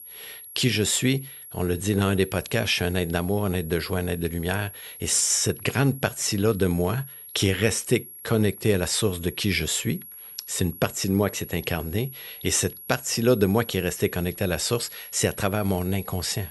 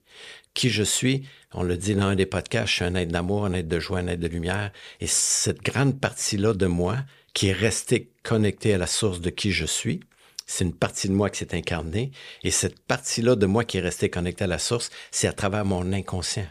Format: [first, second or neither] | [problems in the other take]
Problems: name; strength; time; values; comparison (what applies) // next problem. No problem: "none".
second | high-pitched whine; noticeable; throughout; 11.5 kHz, 15 dB below the speech